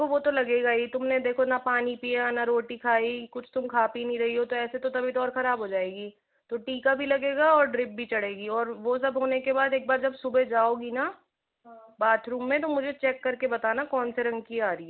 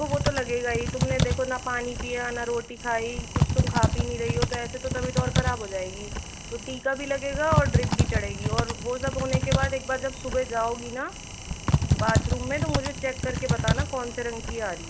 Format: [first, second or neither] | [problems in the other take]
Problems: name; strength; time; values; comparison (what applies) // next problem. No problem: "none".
first | background sound (Typing); 2 dB above the speech